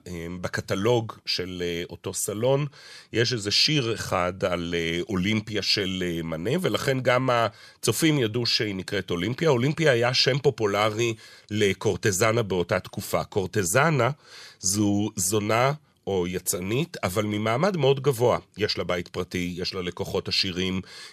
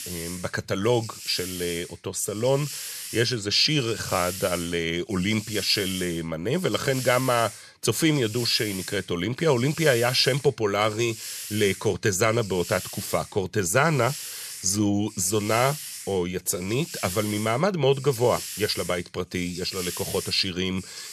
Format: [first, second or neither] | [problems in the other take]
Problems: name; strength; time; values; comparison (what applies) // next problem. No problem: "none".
first | hiss; noticeable; throughout; 10 dB below the speech